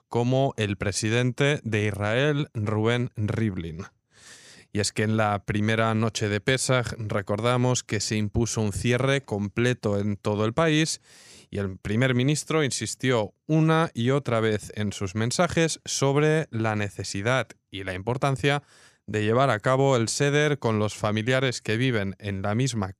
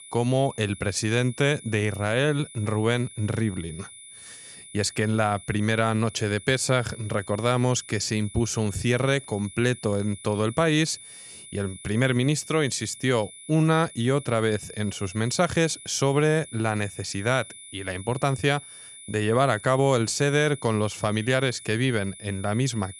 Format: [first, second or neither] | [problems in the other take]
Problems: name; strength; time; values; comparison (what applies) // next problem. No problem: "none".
first | high-pitched whine; noticeable; throughout; 10 kHz, 15 dB below the speech